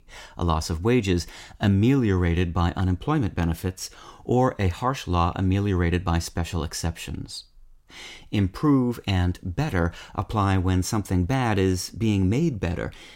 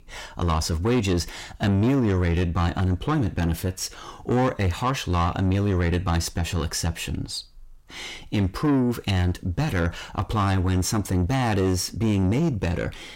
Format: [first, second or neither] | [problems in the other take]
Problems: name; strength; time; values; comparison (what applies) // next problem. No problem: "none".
first | distortion; slight; 10 dB below the speech